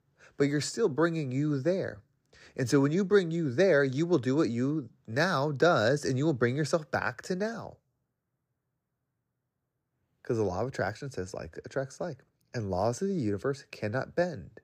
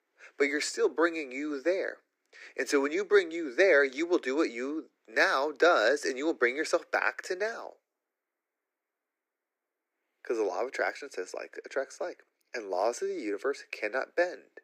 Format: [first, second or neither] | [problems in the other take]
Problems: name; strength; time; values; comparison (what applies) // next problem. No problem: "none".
first | thin; somewhat; fading below 300 Hz